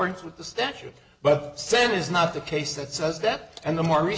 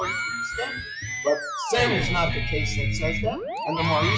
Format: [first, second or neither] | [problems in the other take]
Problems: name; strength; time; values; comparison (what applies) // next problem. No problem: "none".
first | noise reduction (classical method log-MMSE)